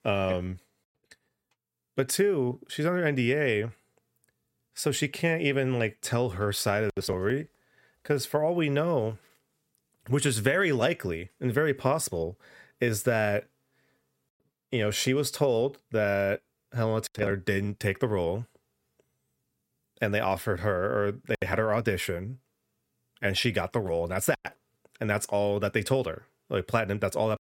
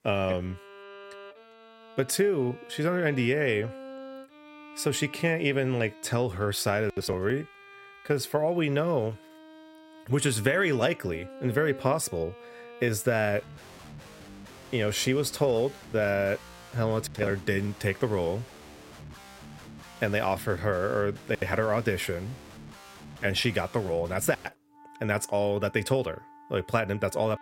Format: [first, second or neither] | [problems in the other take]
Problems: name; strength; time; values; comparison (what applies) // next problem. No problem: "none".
first | background music; noticeable; throughout; 20 dB below the speech